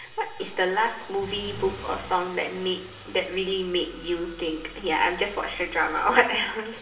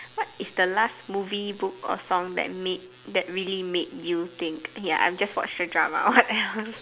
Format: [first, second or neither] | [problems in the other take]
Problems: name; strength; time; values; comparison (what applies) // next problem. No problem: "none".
second | background sound (Engine starting / Car); 17 dB below the speech // room echo; dies away in 0.7 s